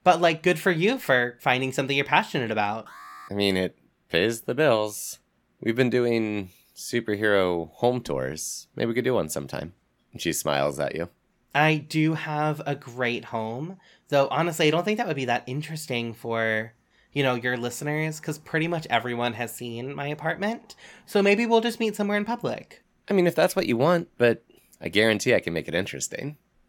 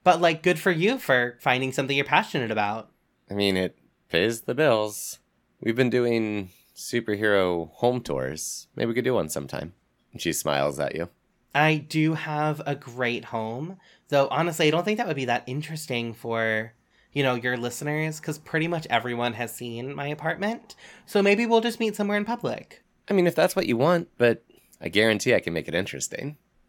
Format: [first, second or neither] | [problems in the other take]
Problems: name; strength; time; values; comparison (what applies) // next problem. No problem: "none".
second | alarm; faint; at 3 s; peak 20 dB below the speech